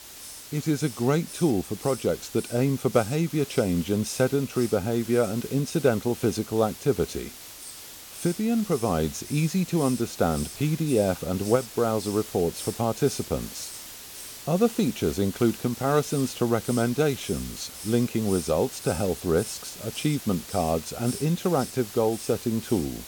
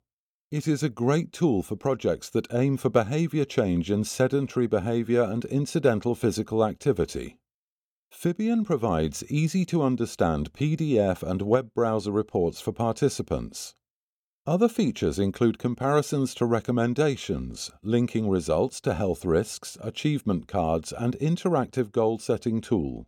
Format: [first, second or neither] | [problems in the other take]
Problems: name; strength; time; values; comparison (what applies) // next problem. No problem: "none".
second | hiss; noticeable; throughout; 10 dB below the speech